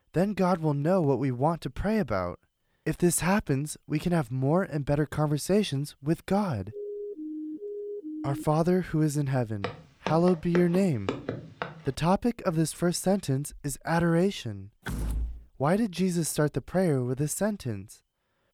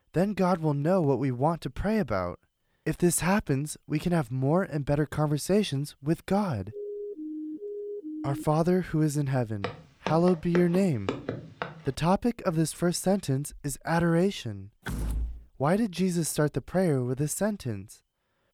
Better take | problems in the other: neither | siren; noticeable; from 6.5 to 8.5 s; peak 9 dB below the speech; the same in both // footsteps; noticeable; from 9.5 to 12 s; peak 7 dB below the speech; the same in both // door banging; noticeable; at 15 s; peak 5 dB below the speech; the same in both

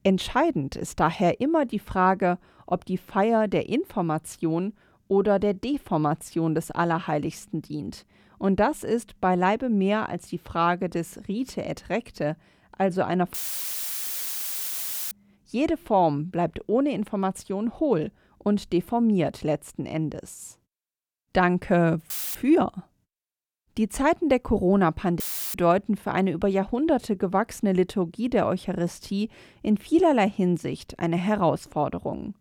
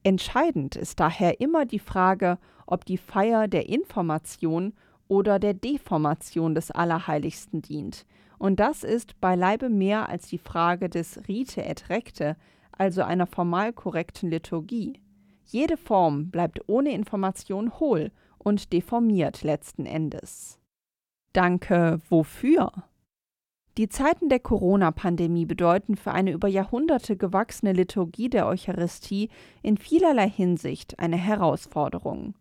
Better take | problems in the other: second | audio cutting out; filled with static; at 13 s for 2 s, at 22 s and at 25 s

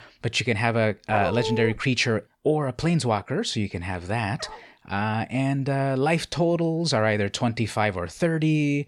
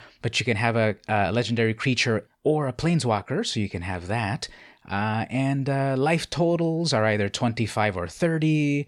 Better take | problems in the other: second | dog barking; noticeable; at 1 s; peak 4 dB below the speech // dog barking; faint; at 4.5 s; peak 15 dB below the speech

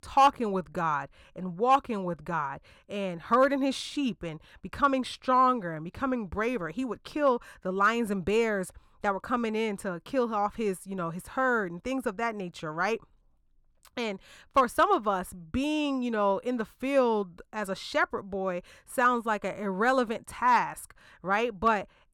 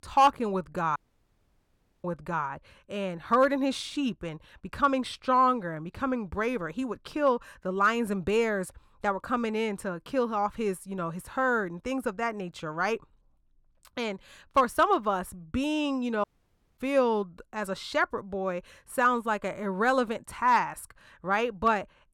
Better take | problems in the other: first | audio cutting out; at 1 s for 1 s and at 16 s for 0.5 s

